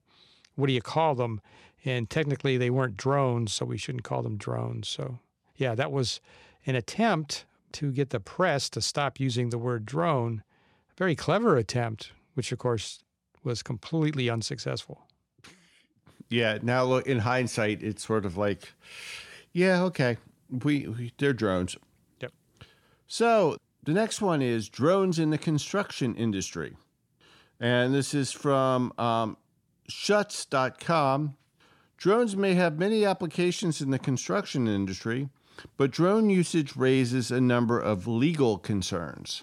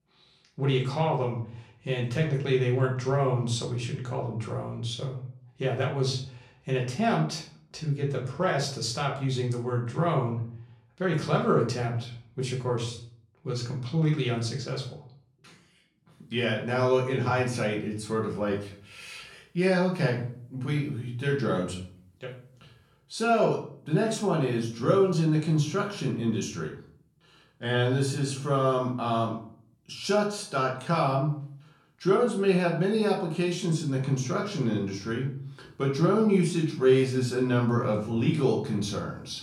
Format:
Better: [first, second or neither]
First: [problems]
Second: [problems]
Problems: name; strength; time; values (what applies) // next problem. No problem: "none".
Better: first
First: none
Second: off-mic speech; far // room echo; slight; dies away in 0.4 s